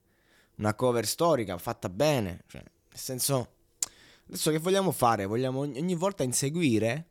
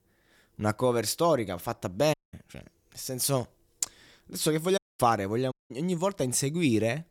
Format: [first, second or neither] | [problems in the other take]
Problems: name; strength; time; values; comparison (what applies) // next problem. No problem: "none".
first | audio cutting out; at 2 s, at 5 s and at 5.5 s